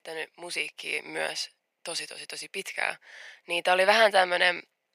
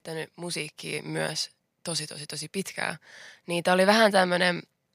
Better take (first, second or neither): second